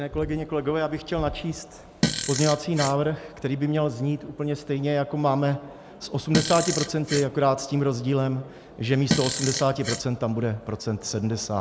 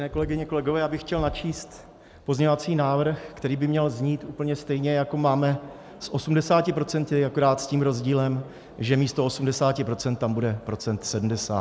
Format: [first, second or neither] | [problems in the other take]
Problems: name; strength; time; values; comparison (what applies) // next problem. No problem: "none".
second | background sound (Fart); 4 dB below the speech